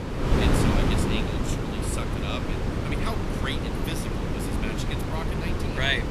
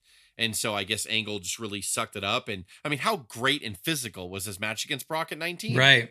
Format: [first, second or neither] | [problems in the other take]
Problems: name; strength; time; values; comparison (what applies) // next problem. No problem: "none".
second | wind noise on the microphone; heavy; 2 dB above the speech